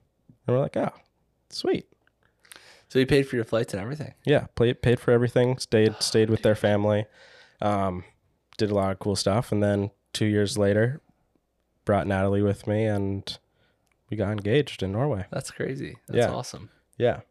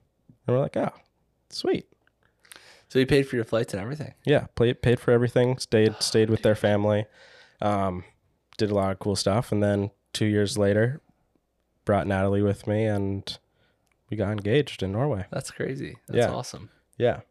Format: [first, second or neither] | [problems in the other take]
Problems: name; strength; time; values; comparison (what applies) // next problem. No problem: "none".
neither | none